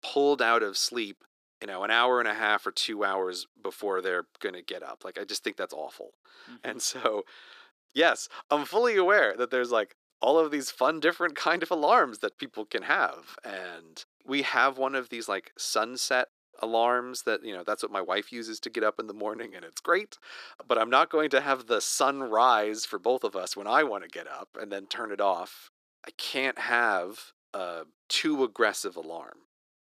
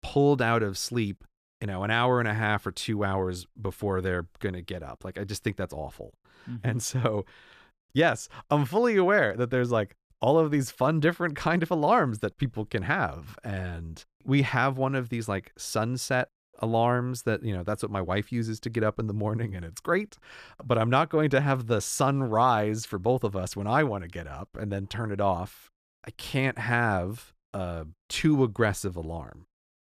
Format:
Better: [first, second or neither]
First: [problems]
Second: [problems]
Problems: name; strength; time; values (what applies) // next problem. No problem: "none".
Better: second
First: thin; somewhat; fading below 300 Hz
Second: none